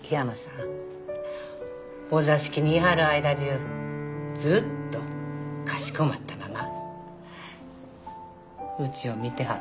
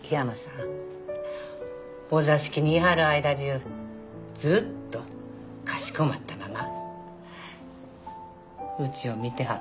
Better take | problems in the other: second | background sound (Bowed string instrument); 10 dB below the speech

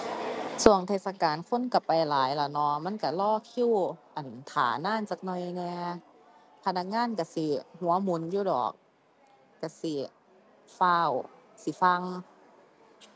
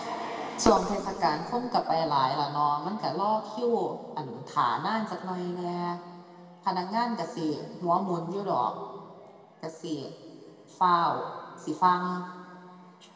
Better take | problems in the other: first | room echo; dies away in 2.1 s

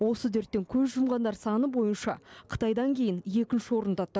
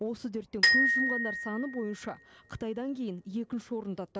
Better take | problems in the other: first | background sound (Glockenspiel); 4 dB above the speech

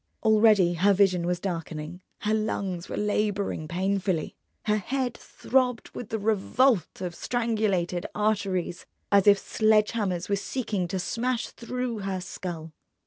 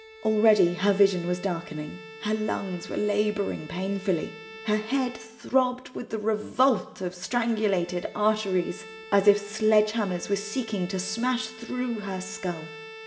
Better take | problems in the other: first | background sound (Bowed string instrument); 18 dB below the speech // room echo; dies away in 0.8 s

